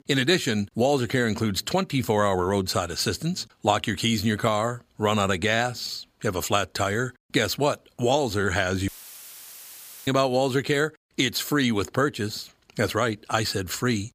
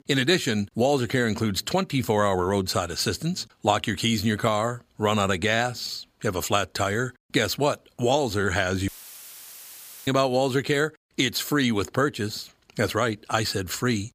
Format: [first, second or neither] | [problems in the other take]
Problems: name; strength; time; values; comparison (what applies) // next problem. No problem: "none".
neither | audio cutting out; filled with static; at 9 s for 1 s; the same in both